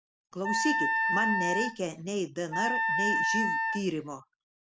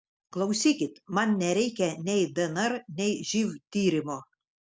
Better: second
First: background sound (Wind instrument, woodwind instrument); 4 dB above the speech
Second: none

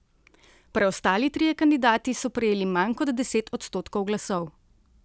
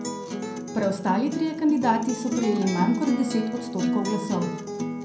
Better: first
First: none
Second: background sound (Acoustic guitar); 5 dB below the speech // room echo; dies away in 0.5 s

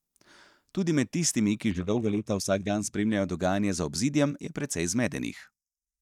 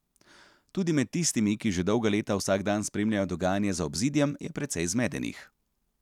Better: second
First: noise reduction (neural mask model DeepFilterNet 3)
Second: none

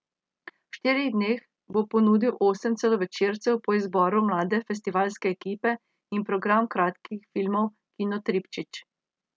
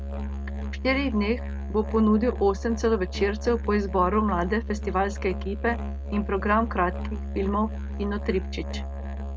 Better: first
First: none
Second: background sound (Musical instrument); 5 dB below the speech

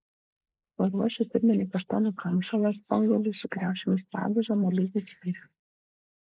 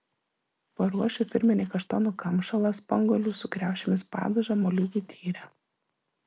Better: second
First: noise reduction (neural mask model Resemble Enhance denoiser)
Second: none

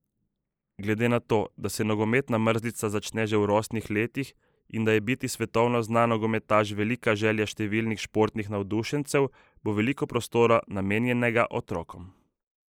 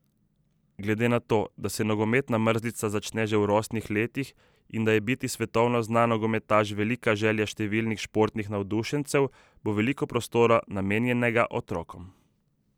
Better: second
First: noise reduction (neural mask model Resemble Enhance denoiser)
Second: none

